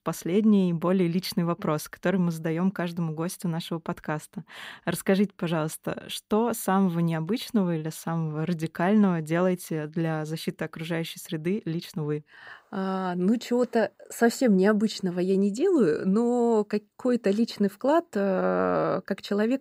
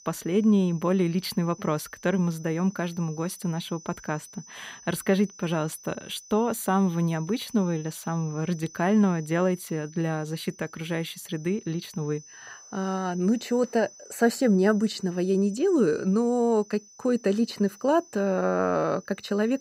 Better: first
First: none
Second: high-pitched whine; faint; throughout; 6 kHz, 20 dB below the speech

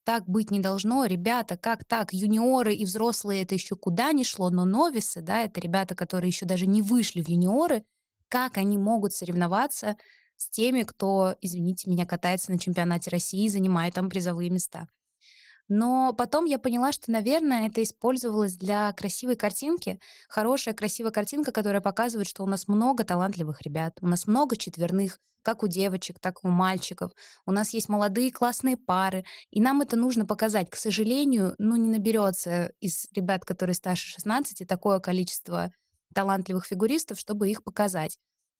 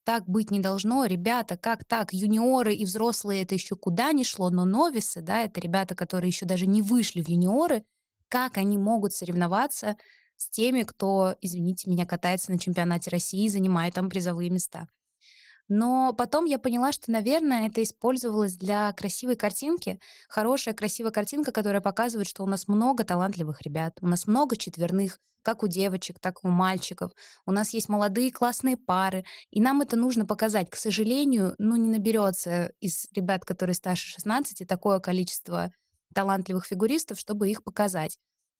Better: neither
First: garbled, watery; slightly; nothing above 15.5 kHz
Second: garbled, watery; slightly; nothing above 15.5 kHz

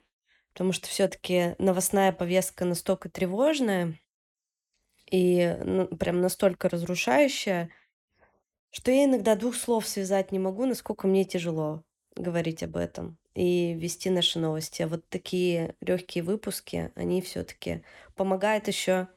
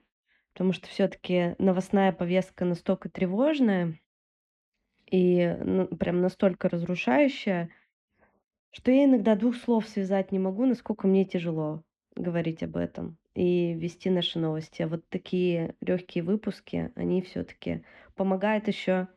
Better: first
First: none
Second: muffled; slightly; fading above 2.5 kHz

